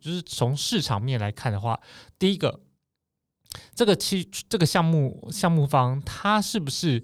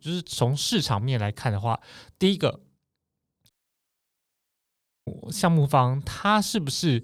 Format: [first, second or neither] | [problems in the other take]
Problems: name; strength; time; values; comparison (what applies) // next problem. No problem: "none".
first | audio cutting out; at 3.5 s for 1.5 s